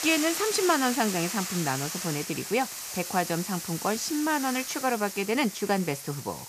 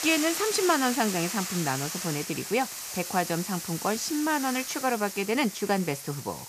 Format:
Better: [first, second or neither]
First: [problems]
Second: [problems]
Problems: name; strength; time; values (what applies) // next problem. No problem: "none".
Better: neither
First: hiss; loud; throughout; 5 dB below the speech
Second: hiss; loud; throughout; 5 dB below the speech